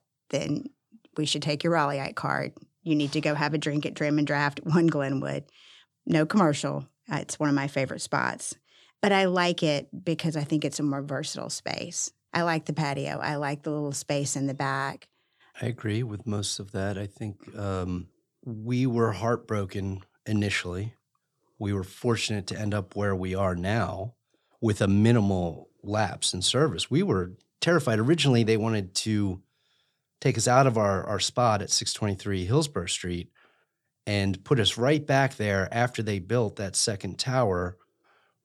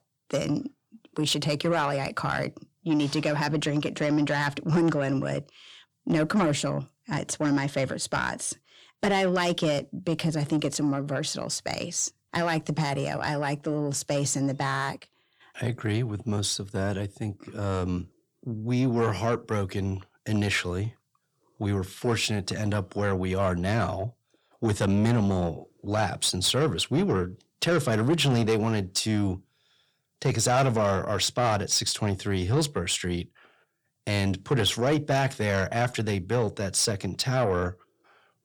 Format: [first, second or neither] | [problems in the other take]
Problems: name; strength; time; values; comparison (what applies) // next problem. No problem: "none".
first | distortion; slight; 10 dB below the speech